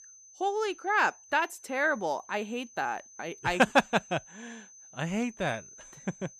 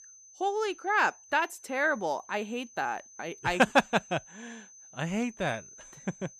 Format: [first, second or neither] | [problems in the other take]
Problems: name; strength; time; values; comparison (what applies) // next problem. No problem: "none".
neither | high-pitched whine; faint; throughout; 6 kHz, 20 dB below the speech; the same in both